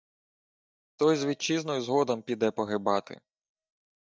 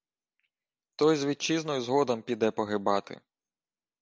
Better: second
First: noise reduction (neural mask model DeepFilterNet 3)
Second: none

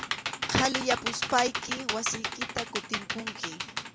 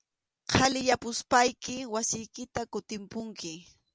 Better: second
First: background sound (Computer keyboard); 2 dB below the speech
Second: none

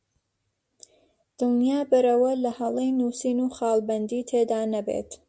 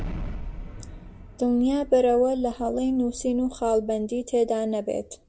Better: first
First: none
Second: background sound (Explosion); 13 dB below the speech

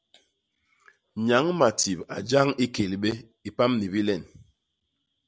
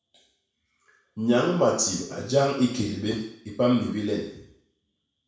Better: first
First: none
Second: room echo; dies away in 0.7 s

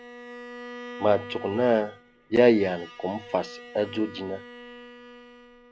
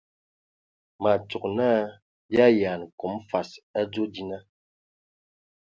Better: second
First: background sound (Bowed string instrument); 16 dB below the speech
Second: none

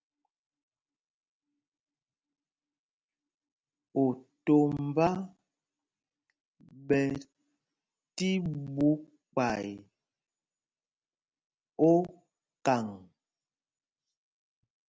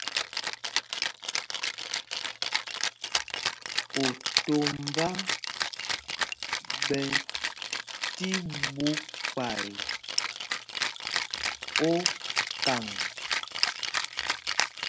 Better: first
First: none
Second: background sound (Rattle (instrument)); 4 dB above the speech

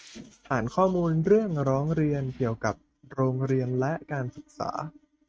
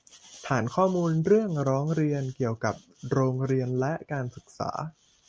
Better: second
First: noise reduction (neural mask model RNNoise)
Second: none

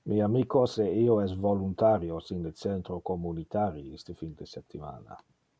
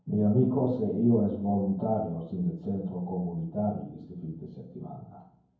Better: first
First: none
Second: room echo; dies away in 0.9 s

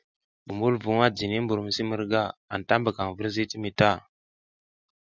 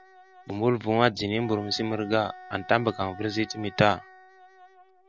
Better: first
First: none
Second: background sound (Wind instrument, woodwind instrument); 19 dB below the speech

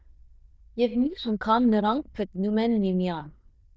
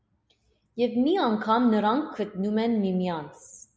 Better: second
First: noise reduction (neural diffusion model UNIVERSE++)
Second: none

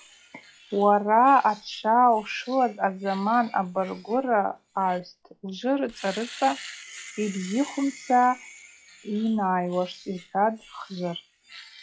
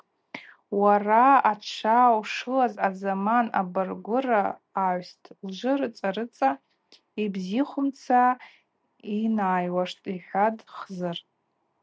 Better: second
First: noise reduction (classical method log-MMSE)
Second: none

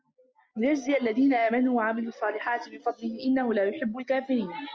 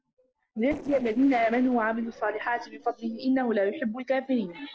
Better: first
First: none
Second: noise reduction (neural separator model SepFormer DNS4)

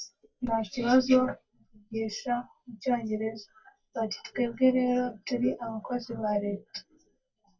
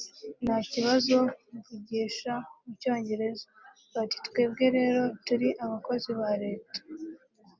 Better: second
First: noise reduction (neural mask model DeepFilterNet 3)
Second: none

